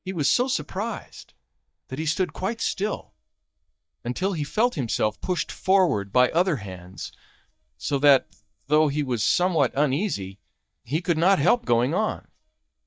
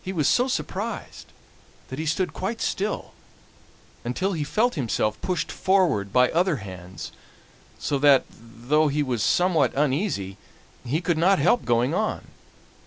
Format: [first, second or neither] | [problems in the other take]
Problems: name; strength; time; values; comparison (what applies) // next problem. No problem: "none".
second | noise reduction (neural mask model DeepFilterNet 3)